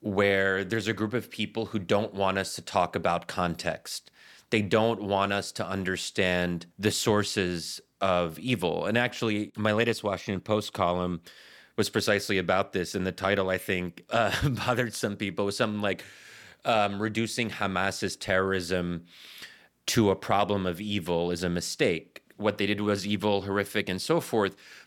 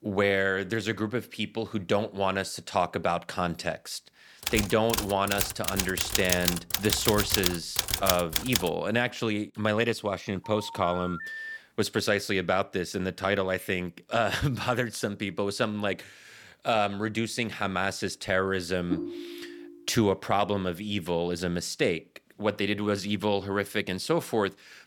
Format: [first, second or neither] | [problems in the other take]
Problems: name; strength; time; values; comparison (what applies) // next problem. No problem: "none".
first | keyboard typing; loud; from 4.5 to 8.5 s; peak 3 dB above the speech // phone ringing; noticeable; from 10 to 12 s and at 19 s; peak 5 dB below the speech